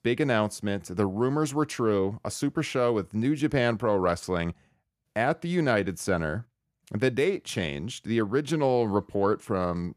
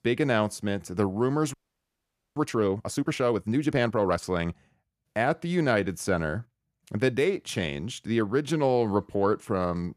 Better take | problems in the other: first | audio freezing; at 1.5 s for 1 s

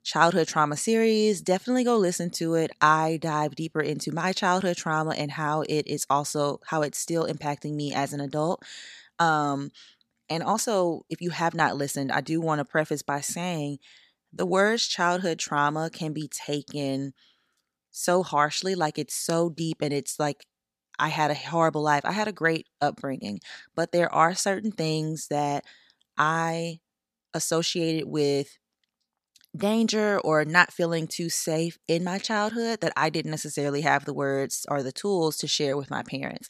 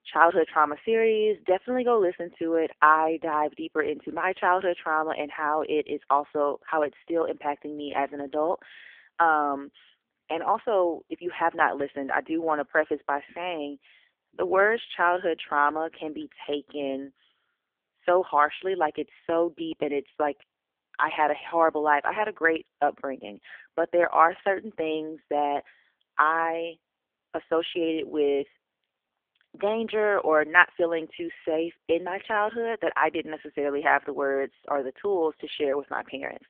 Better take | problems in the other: first | phone-call audio; poor line; nothing above 3.5 kHz

